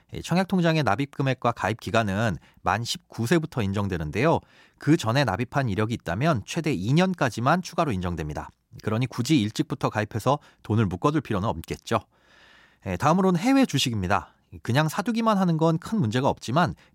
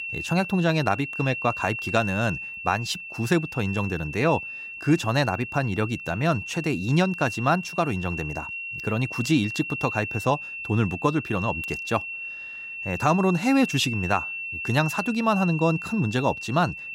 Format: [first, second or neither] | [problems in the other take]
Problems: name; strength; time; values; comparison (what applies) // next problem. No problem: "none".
first | high-pitched whine; loud; throughout; 2.5 kHz, 7 dB below the speech